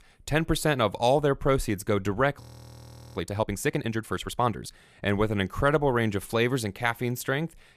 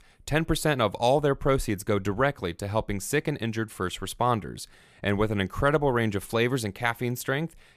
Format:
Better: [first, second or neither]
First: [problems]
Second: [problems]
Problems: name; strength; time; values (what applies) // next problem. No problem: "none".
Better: second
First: audio freezing; at 2.5 s for 0.5 s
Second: none